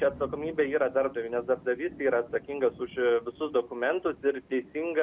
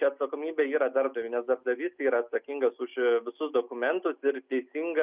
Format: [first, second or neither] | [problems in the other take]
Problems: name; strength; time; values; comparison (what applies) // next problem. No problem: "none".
second | background sound (Thunder / Rain); 20 dB below the speech